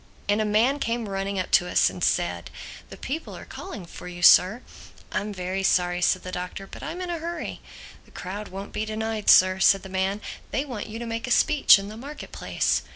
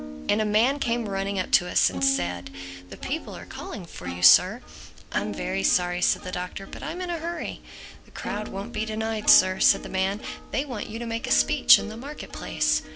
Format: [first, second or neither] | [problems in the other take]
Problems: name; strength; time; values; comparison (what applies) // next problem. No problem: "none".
first | background sound (Plucked string instrument); 13 dB below the speech